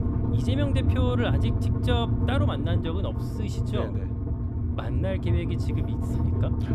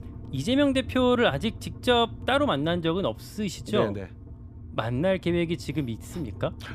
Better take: second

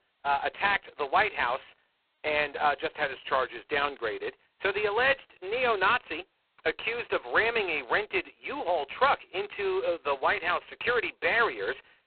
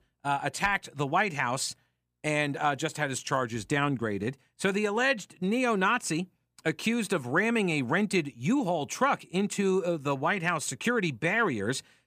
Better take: second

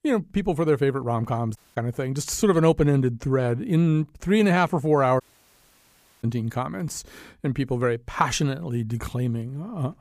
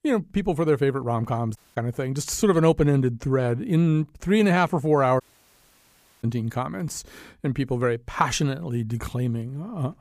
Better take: neither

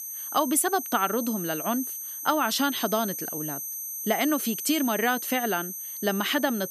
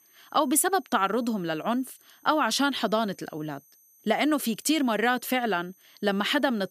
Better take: second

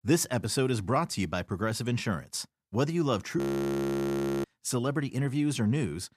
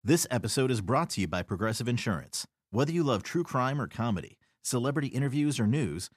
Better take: second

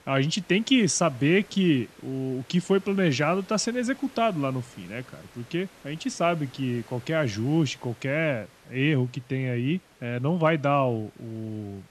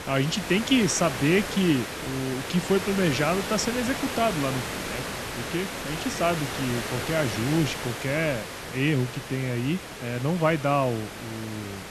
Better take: first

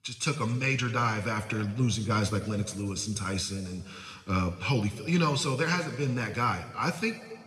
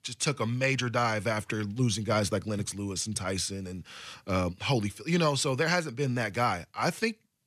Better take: second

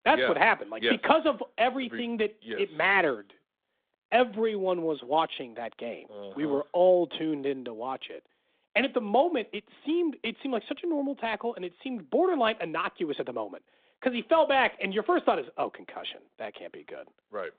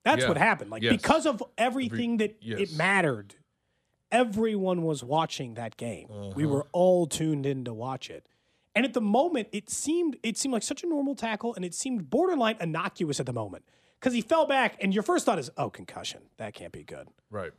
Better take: second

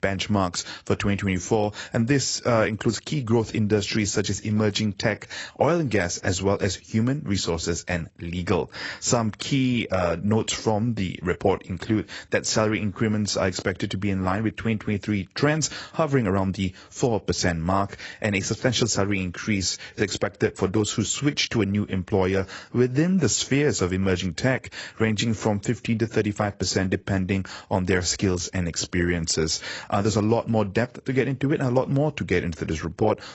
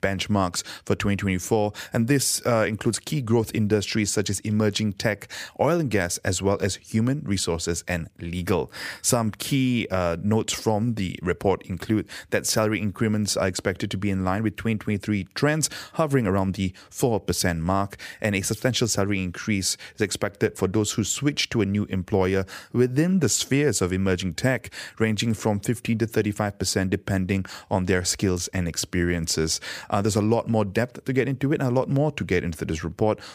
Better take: second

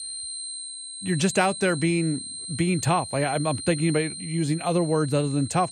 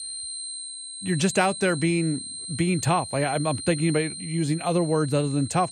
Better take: neither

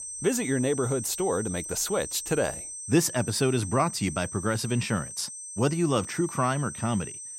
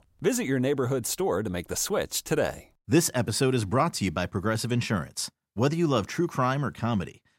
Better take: second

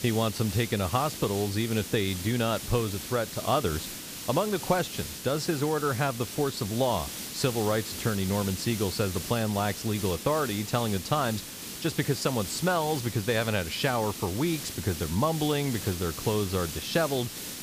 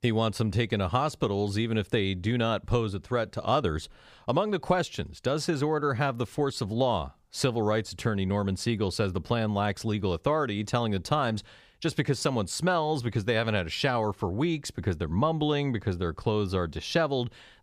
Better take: second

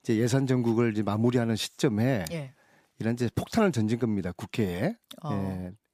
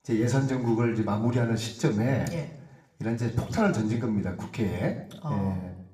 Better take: first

